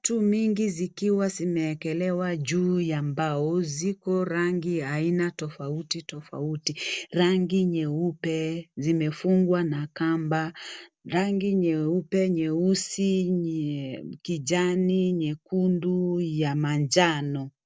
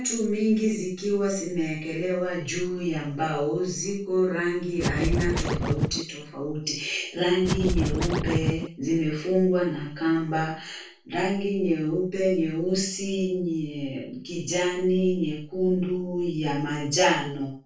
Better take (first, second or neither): first